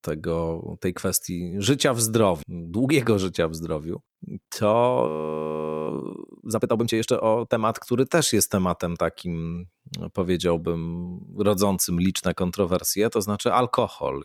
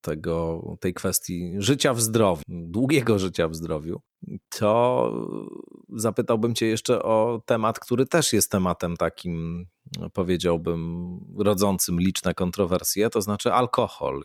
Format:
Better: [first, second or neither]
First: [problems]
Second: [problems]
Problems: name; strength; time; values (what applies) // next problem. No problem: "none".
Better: second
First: audio freezing; at 5 s for 1 s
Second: none